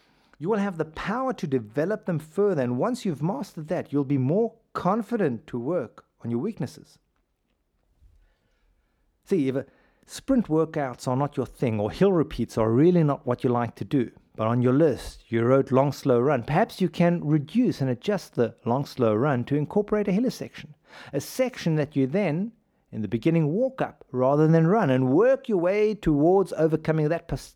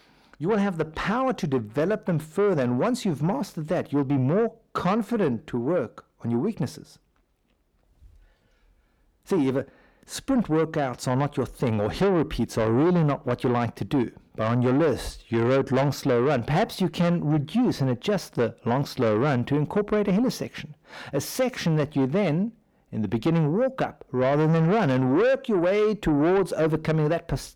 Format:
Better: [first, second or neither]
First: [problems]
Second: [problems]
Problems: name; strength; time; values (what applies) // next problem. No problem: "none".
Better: first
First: none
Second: distortion; slight; 10 dB below the speech